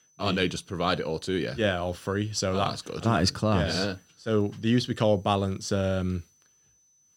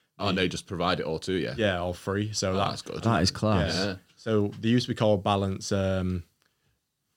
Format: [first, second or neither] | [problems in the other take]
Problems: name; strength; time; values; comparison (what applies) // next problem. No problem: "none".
second | high-pitched whine; faint; throughout; 6 kHz, 35 dB below the speech